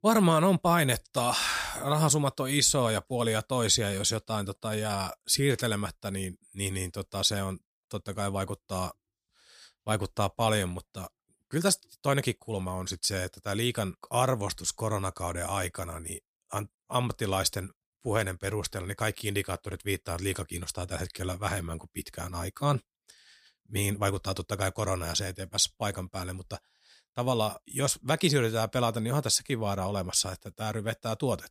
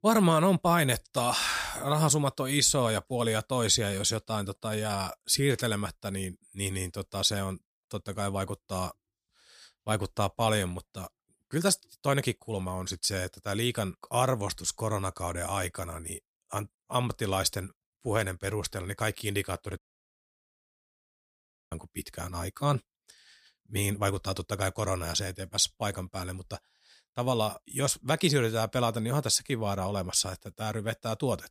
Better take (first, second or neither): first